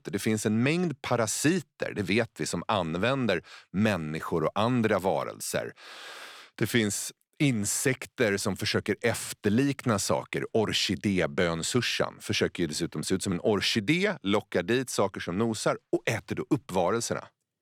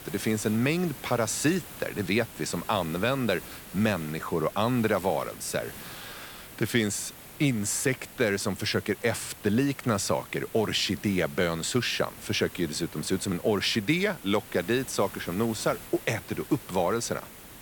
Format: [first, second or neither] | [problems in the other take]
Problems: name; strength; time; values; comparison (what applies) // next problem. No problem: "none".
first | hiss; noticeable; throughout; 15 dB below the speech